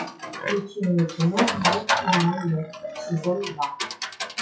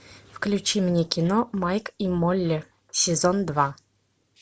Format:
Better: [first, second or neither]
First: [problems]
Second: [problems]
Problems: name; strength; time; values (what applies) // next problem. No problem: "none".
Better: second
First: noise reduction (classical method WPE with log-MMSE)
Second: none